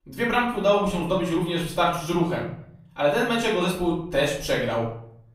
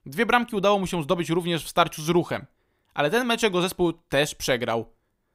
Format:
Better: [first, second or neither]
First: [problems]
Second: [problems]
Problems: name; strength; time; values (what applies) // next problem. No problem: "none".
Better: second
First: off-mic speech; far // room echo; noticeable; dies away in 0.7 s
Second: none